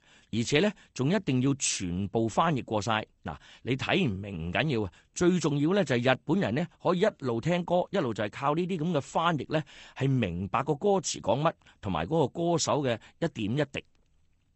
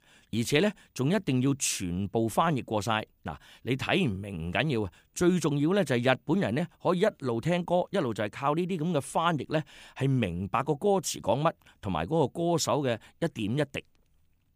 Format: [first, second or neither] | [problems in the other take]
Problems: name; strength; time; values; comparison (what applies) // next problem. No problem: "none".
second | garbled, watery; slightly; nothing above 8.5 kHz